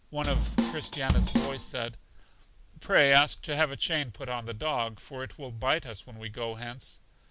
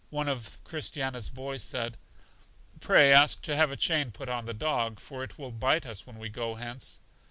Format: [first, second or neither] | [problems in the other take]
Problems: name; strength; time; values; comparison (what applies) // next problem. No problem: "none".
second | background sound (Drum kit); 2 dB above the speech